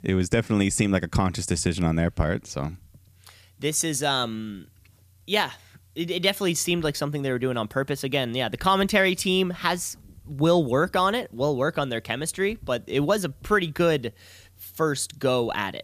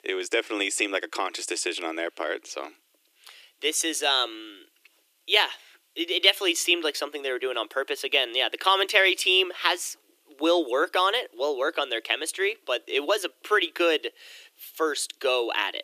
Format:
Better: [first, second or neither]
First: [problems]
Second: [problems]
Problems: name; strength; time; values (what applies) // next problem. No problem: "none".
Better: first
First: none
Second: thin; very; fading below 300 Hz